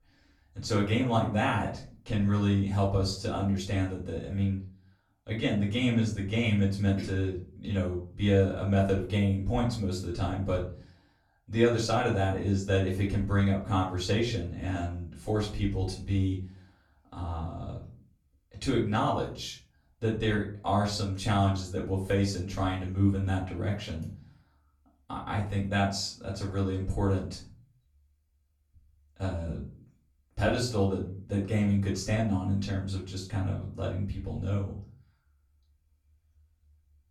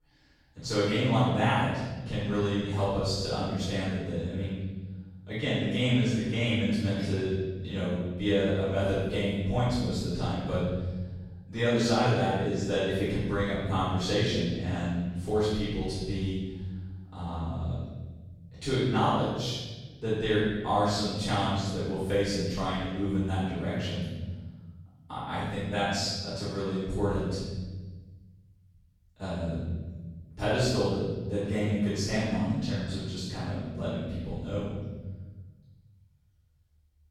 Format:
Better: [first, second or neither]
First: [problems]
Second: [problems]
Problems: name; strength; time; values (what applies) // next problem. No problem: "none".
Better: first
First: room echo; slight; dies away in 0.4 s // off-mic speech; far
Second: room echo; strong; dies away in 1.4 s // off-mic speech; far